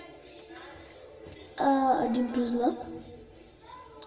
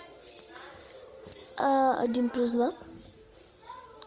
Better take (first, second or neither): second